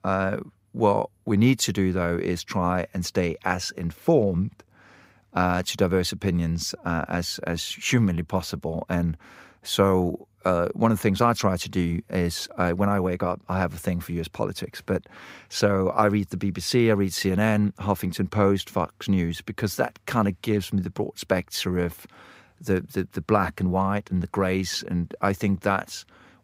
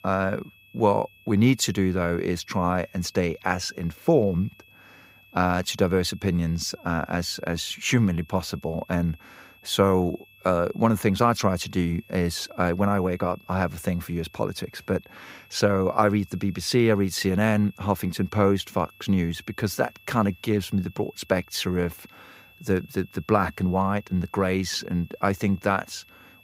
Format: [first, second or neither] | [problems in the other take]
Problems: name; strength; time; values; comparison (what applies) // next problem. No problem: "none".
first | high-pitched whine; faint; throughout; 2.5 kHz, 25 dB below the speech